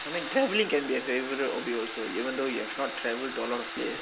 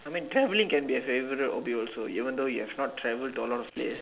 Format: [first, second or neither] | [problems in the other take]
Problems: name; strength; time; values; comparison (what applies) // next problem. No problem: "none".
second | background sound (Domestic sounds, home sounds); 8 dB below the speech